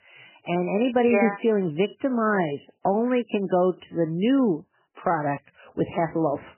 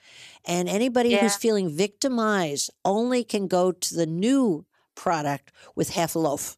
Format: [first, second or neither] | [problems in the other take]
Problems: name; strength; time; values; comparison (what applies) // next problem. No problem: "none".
second | garbled, watery; badly; nothing above 3 kHz